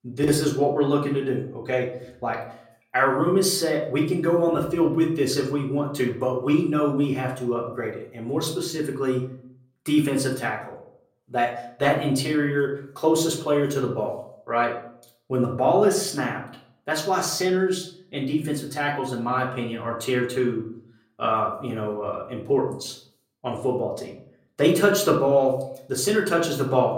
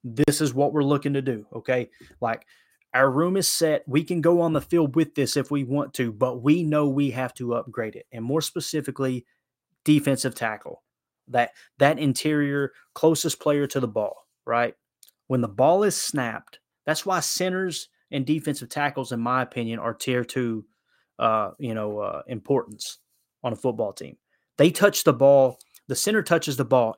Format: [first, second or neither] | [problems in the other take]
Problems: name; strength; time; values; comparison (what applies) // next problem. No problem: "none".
second | off-mic speech; far // room echo; slight; dies away in 0.5 s